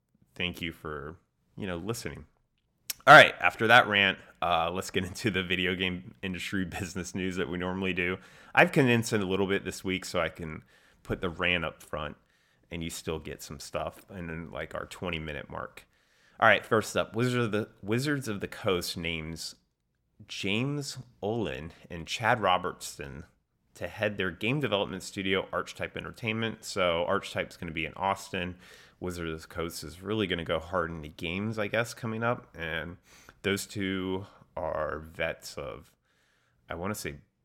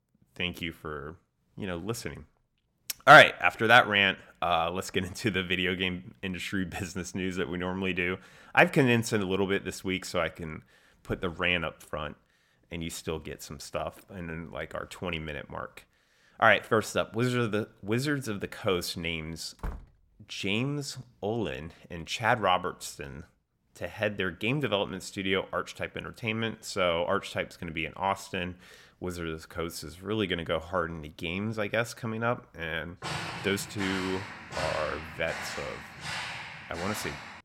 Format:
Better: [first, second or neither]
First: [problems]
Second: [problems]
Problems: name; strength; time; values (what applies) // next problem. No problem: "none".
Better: first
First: none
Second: door banging; faint; at 20 s; peak 15 dB below the speech // footsteps; noticeable; from 33 s on; peak 6 dB below the speech